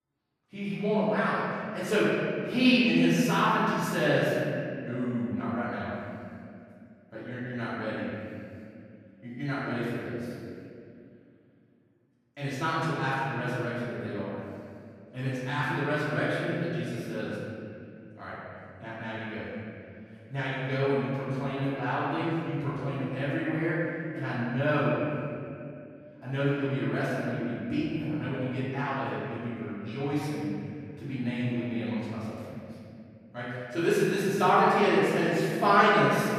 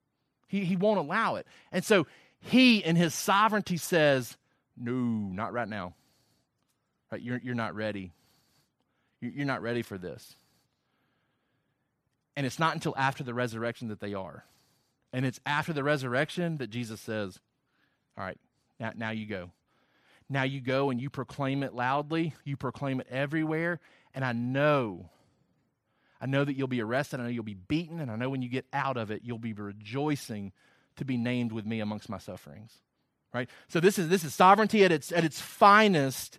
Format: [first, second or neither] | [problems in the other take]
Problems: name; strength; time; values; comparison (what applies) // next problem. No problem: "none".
second | off-mic speech; far // room echo; strong; dies away in 2.5 s